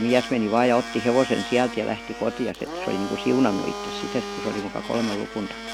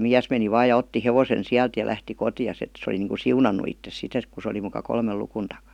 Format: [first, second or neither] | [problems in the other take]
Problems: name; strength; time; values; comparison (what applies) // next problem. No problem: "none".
second | background sound (Domestic sounds, home sounds); 9 dB below the speech